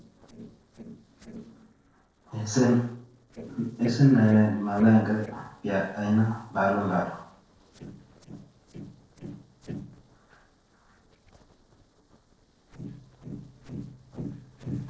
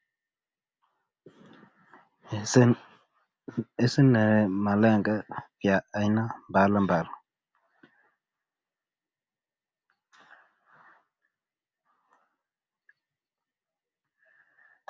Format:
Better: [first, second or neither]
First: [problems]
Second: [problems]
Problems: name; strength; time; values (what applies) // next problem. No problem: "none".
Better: second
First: noise reduction (neural separator model SepFormer DNS4)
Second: none